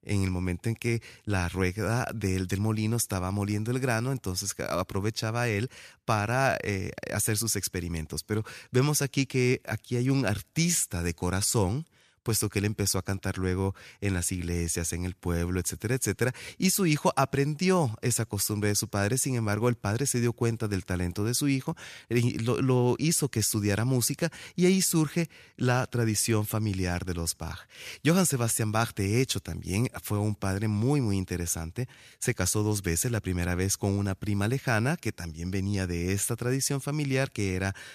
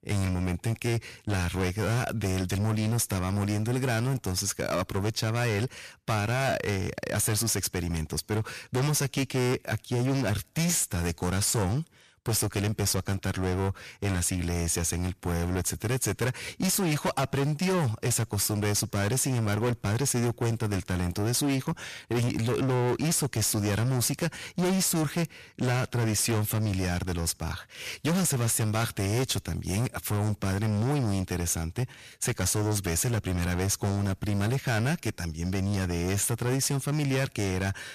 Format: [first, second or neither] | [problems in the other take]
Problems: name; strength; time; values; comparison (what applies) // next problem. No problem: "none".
first | distortion; heavy; 22% of the sound clipped